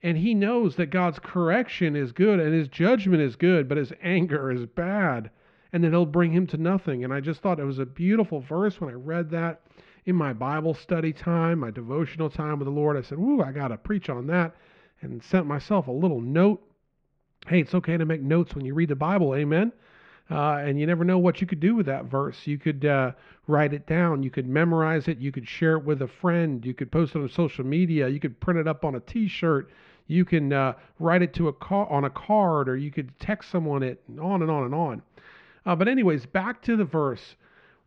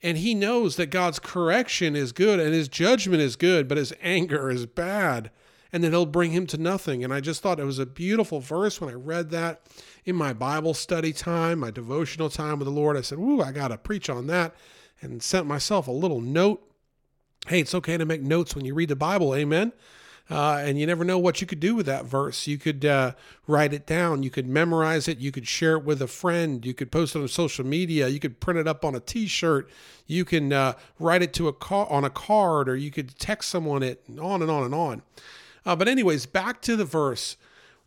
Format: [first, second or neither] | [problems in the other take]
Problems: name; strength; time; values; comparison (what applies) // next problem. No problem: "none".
second | muffled; very; fading above 2.5 kHz